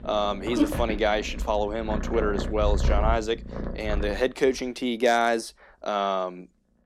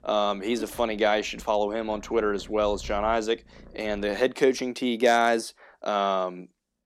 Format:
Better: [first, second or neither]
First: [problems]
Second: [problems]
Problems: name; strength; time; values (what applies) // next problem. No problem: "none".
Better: second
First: animal sounds; loud; throughout; 4 dB below the speech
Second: animal sounds; faint; throughout; 20 dB below the speech